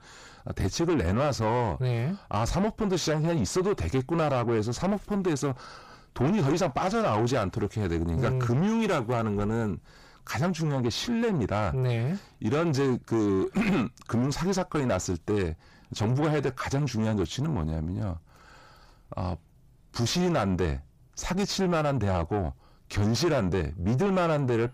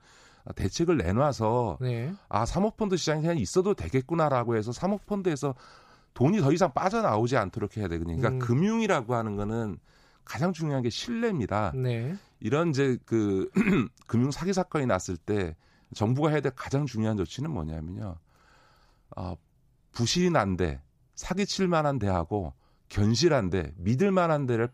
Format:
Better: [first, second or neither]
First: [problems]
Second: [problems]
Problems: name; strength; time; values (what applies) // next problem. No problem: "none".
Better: second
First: distortion; heavy; 7 dB below the speech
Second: none